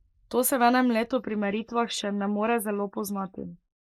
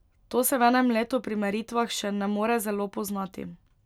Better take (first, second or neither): second